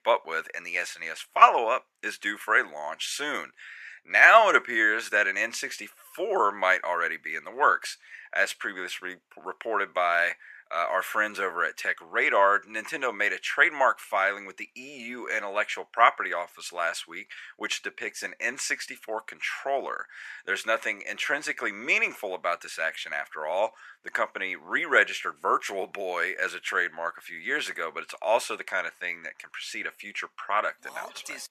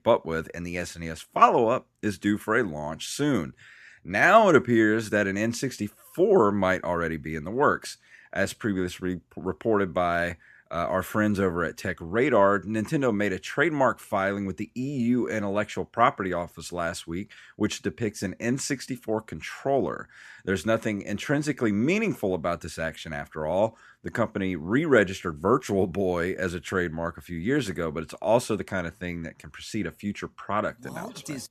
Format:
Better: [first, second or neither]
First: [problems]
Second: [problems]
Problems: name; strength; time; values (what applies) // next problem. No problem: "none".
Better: second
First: thin; very; fading below 750 Hz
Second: none